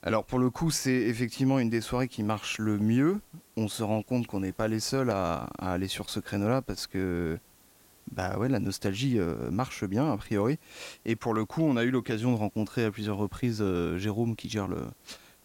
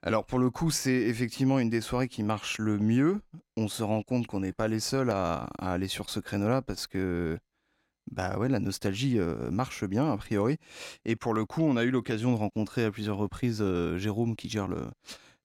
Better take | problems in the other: second | hiss; faint; throughout; 30 dB below the speech

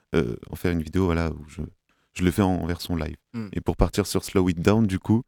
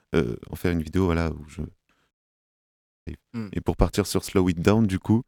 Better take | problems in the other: first | audio cutting out; at 2 s for 1 s

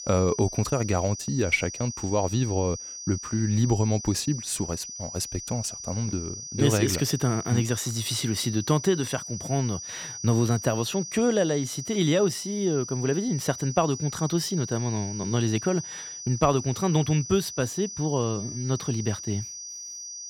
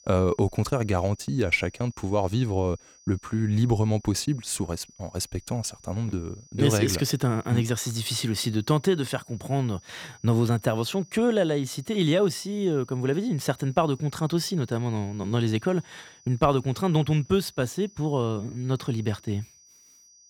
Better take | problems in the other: second | high-pitched whine; loud; throughout; 6 kHz, 9 dB below the speech; faint in the second

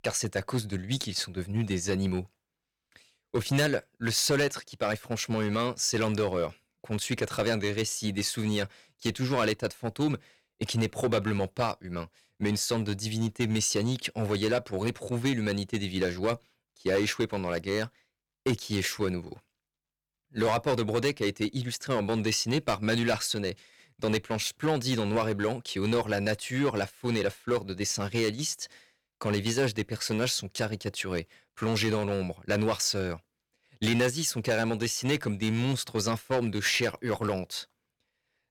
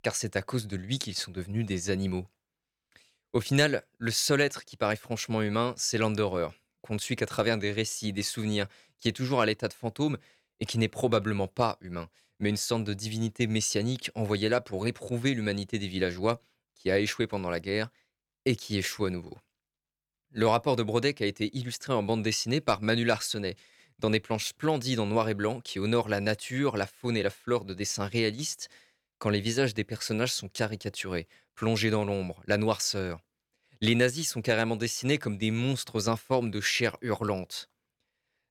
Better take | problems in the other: second | distortion; slight; 4% of the sound clipped

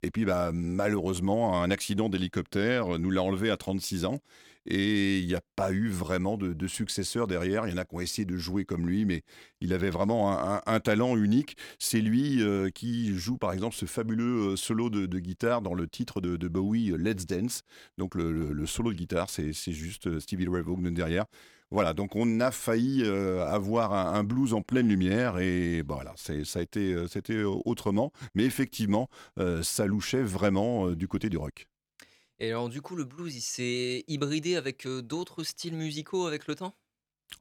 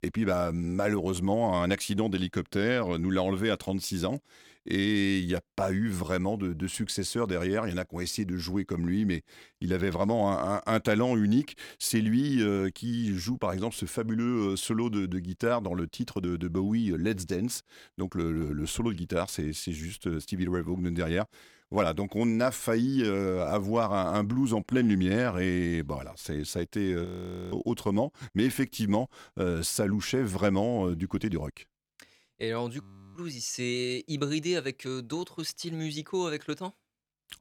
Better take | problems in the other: first | audio freezing; at 27 s and at 33 s

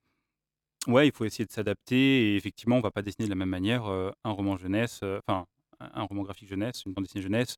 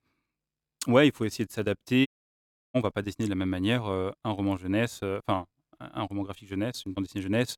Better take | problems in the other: first | audio cutting out; at 2 s for 0.5 s

